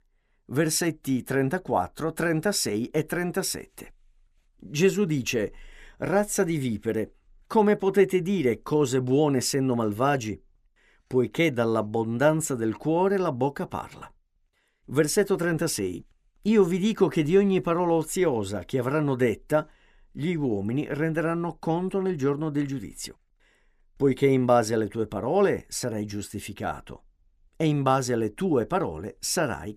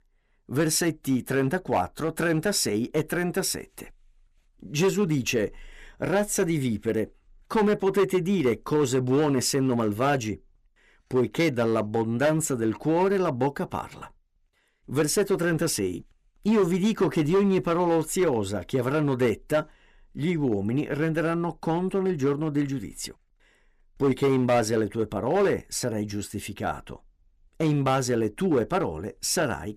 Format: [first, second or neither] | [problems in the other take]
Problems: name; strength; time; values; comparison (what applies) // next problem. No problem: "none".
first | distortion; slight; 5% of the sound clipped